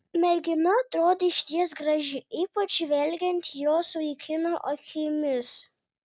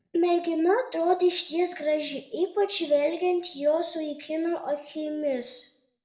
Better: first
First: none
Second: room echo; dies away in 0.5 s

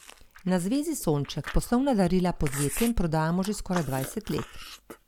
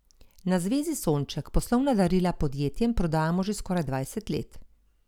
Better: second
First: background sound (Chewing, mastication); 15 dB below the speech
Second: none

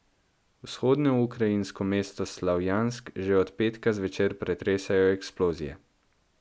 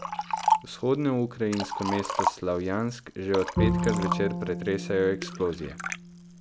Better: first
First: none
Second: background sound (Liquid + Bowed string instrument); 1 dB below the speech

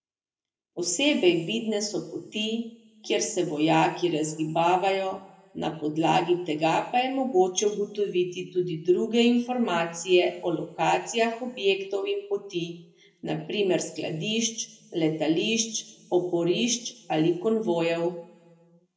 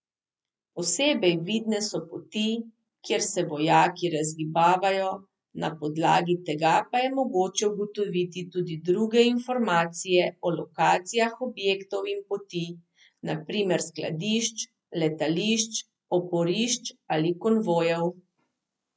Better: second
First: room echo; dies away in 1.2 s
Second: none

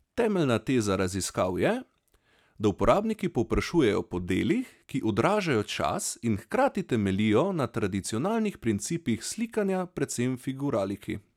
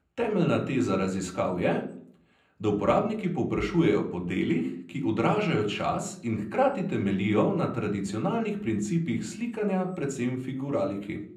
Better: first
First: none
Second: room echo; dies away in 0.6 s

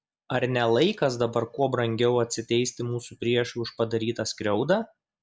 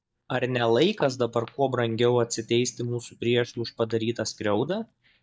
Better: first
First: none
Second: noise reduction (neural mask model DeepFilterNet 3)

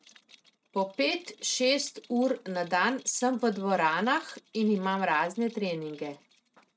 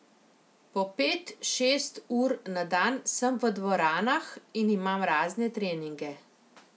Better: second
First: noise reduction (neural mask model RNNoise)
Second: none

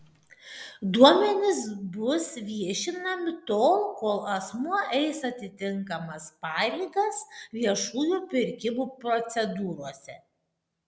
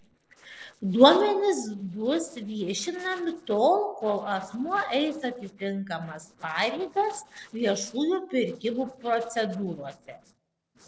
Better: first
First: none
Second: noise reduction (neural separator model SepFormer DNS4)

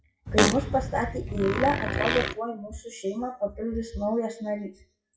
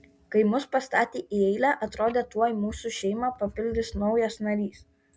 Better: second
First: noise reduction (classical method WPE with log-MMSE)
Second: none

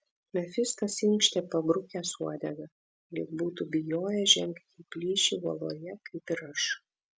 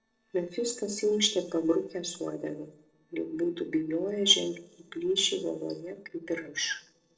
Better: first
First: none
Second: noise reduction (neural separator model SepFormer DNS4)

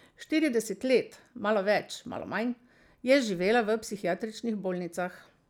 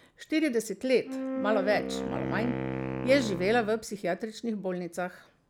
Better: first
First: none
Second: background sound (Wind instrument, woodwind instrument); 5 dB below the speech

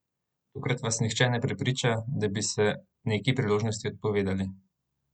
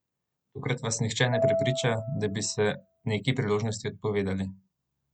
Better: first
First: none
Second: background sound (Piano); 2 dB below the speech

